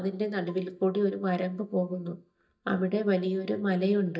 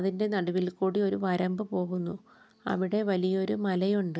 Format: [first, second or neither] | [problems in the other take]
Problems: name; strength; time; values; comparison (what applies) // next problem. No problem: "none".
second | noise reduction (neural mask model DeepFilterNet 3)